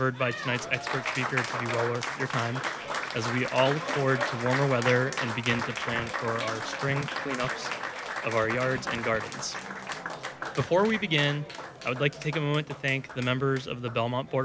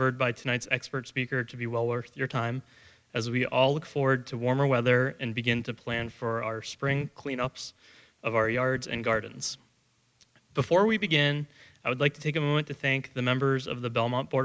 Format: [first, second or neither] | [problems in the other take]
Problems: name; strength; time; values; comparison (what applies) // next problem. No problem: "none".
second | background sound (Applause); 5 dB below the speech